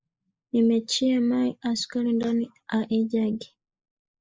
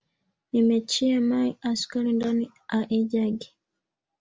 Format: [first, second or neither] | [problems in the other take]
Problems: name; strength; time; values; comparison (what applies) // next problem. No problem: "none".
second | noise reduction (neural mask model Resemble Enhance denoiser)